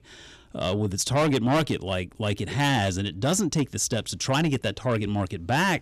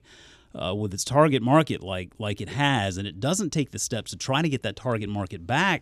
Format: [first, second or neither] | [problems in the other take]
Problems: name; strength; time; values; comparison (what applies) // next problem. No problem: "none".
second | distortion; heavy; 7 dB below the speech